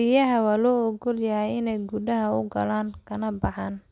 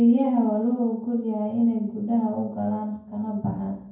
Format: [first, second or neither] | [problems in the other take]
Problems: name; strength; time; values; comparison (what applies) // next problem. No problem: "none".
first | room echo; dies away in 0.9 s